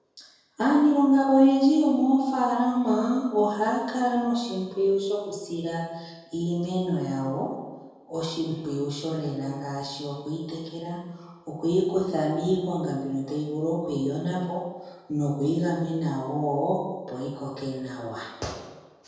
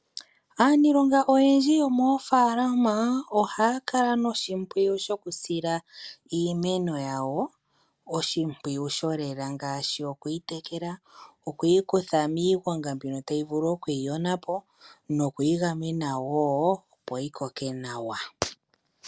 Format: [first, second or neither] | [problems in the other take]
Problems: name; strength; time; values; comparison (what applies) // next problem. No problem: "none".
second | room echo; dies away in 1.2 s